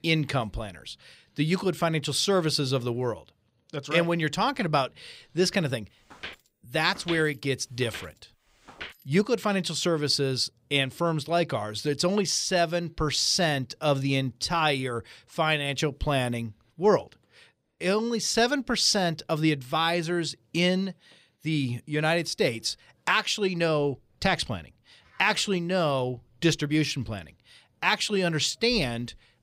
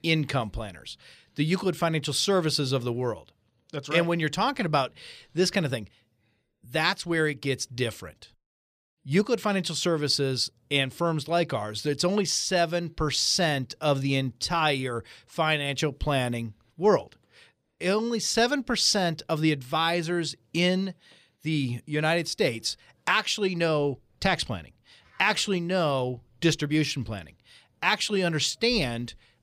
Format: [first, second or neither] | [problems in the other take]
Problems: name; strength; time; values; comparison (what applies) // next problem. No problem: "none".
second | footsteps; faint; from 6 to 9 s; peak 10 dB below the speech